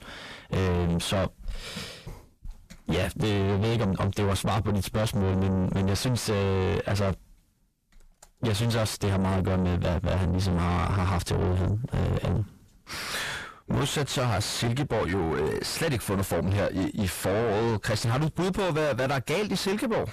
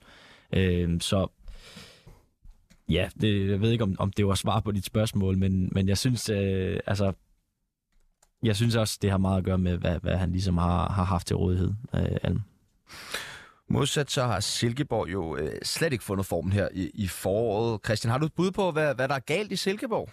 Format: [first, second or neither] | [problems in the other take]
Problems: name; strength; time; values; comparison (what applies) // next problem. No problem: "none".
second | distortion; heavy; 5 dB below the speech